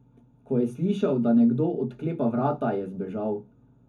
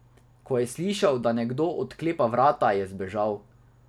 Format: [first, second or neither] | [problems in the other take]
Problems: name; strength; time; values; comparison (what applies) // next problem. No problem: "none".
second | room echo; dies away in 0.3 s